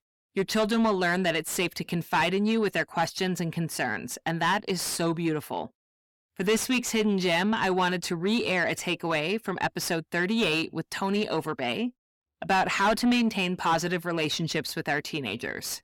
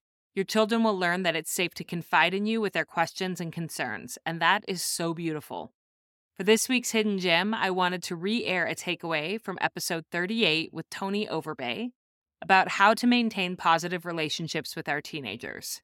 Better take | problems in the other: second | distortion; heavy; 7 dB below the speech

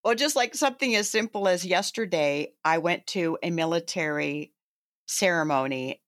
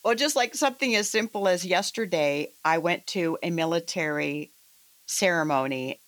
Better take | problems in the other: first | hiss; faint; throughout; 30 dB below the speech

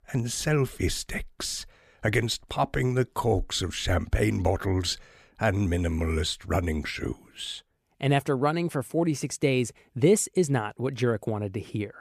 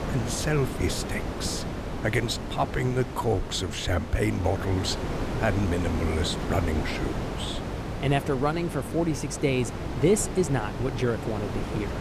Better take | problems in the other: first | wind noise on the microphone; heavy; 6 dB below the speech

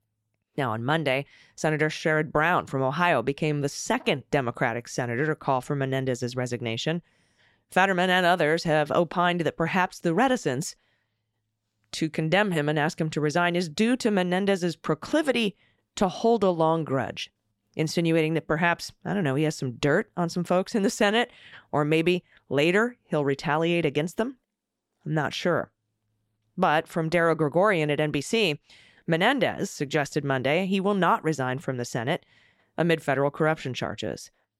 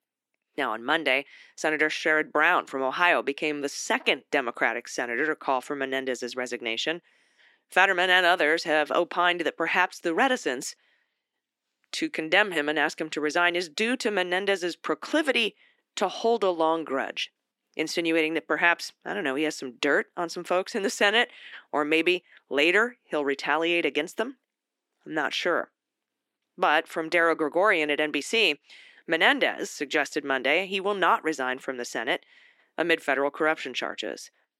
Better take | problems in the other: first | thin; somewhat; fading below 300 Hz

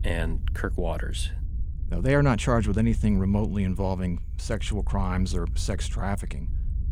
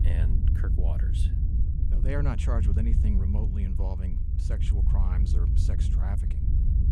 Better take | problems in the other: first | low rumble; loud; throughout; 2 dB below the speech; faint in the first

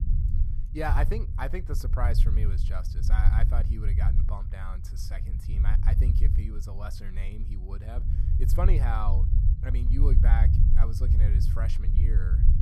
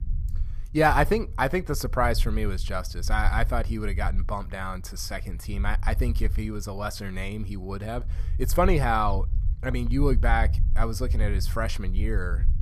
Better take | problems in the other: second | low rumble; loud; throughout; 5 dB below the speech; faint in the second

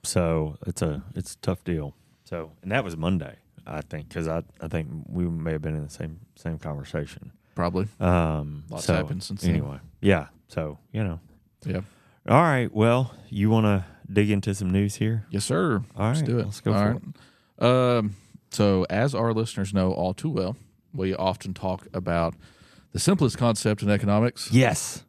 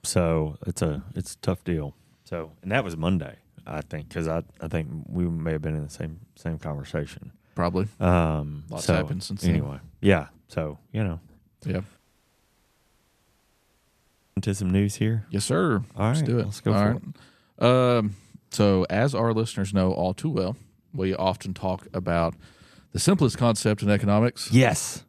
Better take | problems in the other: first | audio cutting out; at 12 s for 2.5 s

